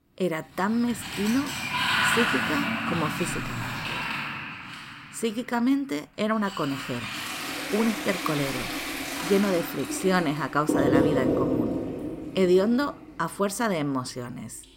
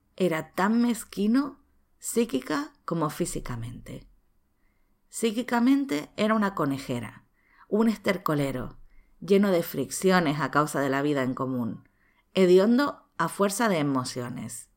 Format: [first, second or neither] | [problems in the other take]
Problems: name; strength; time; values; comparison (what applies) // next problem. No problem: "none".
second | household noises; loud; throughout; 1 dB below the speech